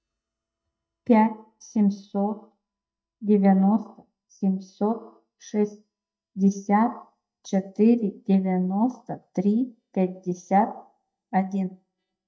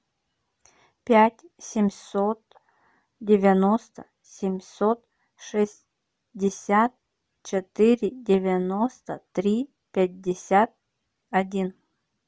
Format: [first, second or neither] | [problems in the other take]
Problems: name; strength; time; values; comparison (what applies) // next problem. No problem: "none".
second | noise reduction (neural mask model DeepFilterNet 3)